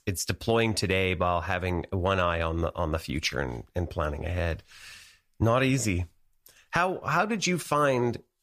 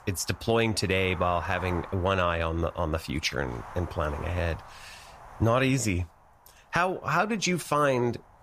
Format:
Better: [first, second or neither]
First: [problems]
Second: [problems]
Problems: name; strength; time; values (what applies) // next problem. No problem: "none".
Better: first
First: none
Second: wind noise on the microphone; occasional gusts; 15 dB below the speech